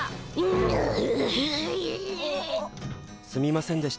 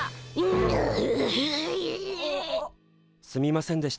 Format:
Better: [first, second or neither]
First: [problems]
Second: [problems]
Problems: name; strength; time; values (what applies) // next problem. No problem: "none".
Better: second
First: background sound (Acoustic guitar + Squeak / Sliding door); 14 dB below the speech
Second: none